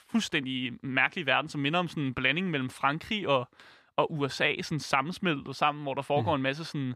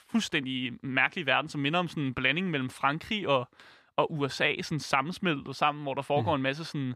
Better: neither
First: none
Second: none

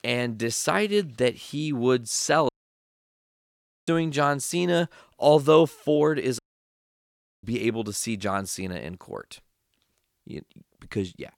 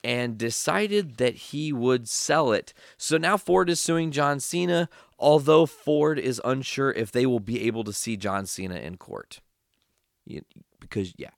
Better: second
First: audio cutting out; at 2.5 s for 1.5 s and at 6.5 s for 1 s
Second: none

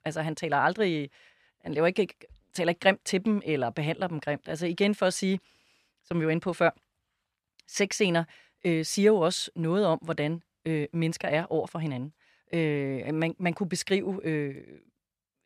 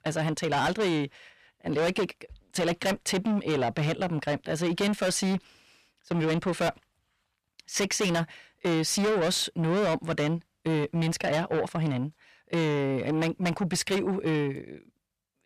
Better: first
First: none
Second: distortion; heavy; 6 dB below the speech

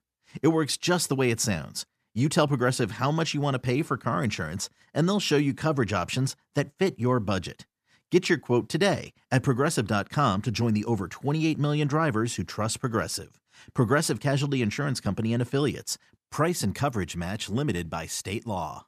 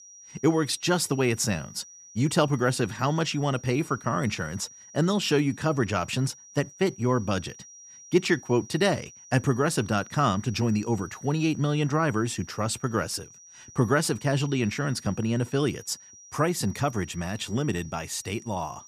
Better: first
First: none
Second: high-pitched whine; noticeable; throughout; 5.5 kHz, 20 dB below the speech

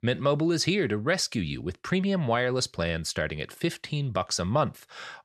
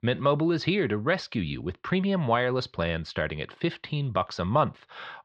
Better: first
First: none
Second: muffled; slightly; fading above 3.5 kHz

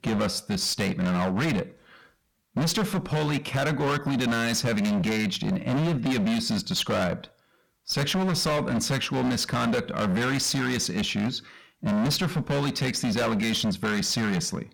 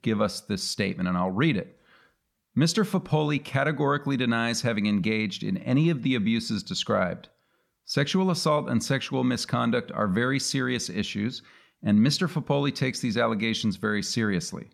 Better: second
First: distortion; heavy; 29% of the sound clipped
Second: none

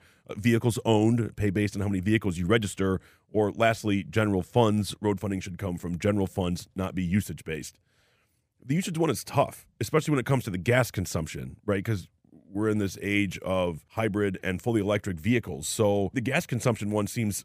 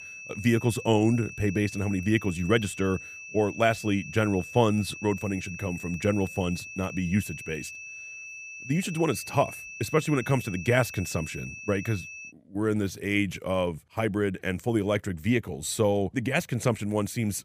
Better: first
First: none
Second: high-pitched whine; noticeable; until 12 s; 2.5 kHz, 10 dB below the speech

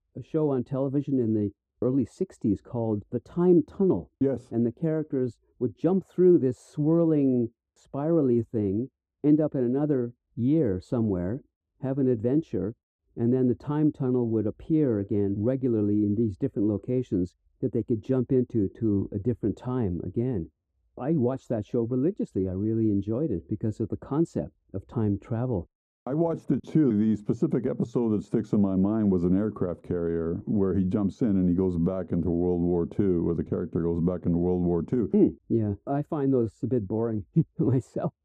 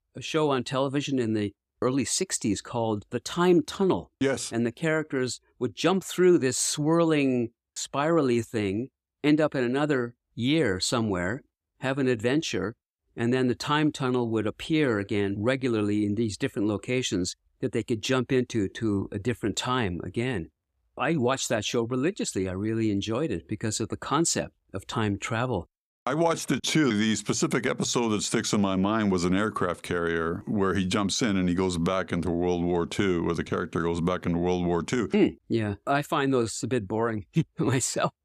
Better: second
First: muffled; very; fading above 1 kHz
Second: none

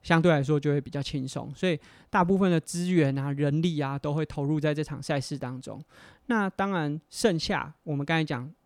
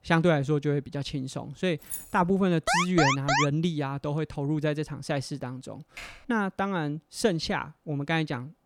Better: first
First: none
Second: jangling keys; noticeable; at 2 s; peak 8 dB below the speech // alarm; loud; at 2.5 s; peak 4 dB above the speech // keyboard typing; faint; at 6 s; peak 15 dB below the speech

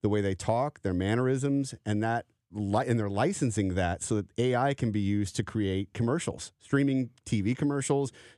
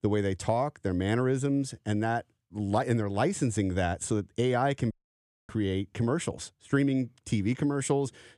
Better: first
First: none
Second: audio cutting out; at 5 s for 0.5 s

